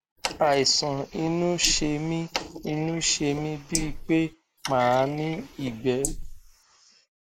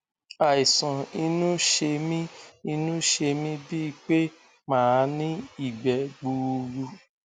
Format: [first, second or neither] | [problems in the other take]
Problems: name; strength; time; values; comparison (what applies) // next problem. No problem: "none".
second | noise reduction (neural mask model Resemble Enhance denoiser)